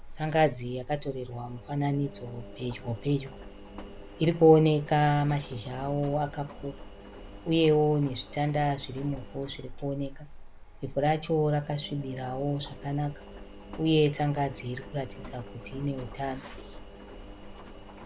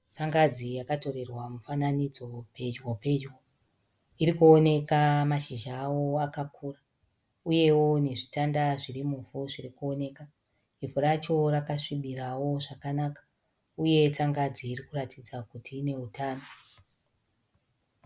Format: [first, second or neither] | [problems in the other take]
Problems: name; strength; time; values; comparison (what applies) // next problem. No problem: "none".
second | background sound (Engine); 14 dB below the speech